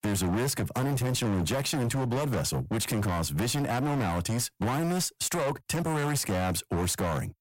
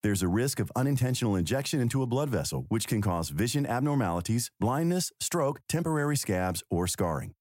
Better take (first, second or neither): second